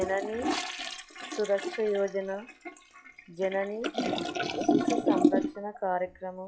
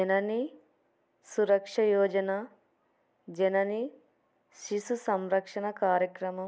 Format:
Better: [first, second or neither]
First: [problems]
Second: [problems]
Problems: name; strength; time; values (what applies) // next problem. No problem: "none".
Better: second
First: noise reduction (classical method log-MMSE)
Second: none